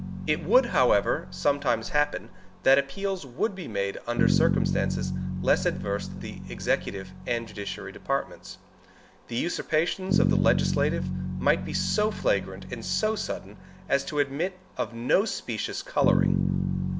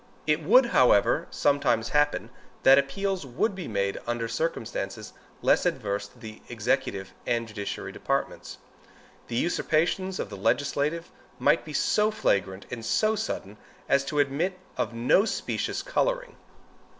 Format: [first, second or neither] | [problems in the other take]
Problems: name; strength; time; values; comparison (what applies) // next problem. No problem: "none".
second | background sound (Bass guitar); 3 dB below the speech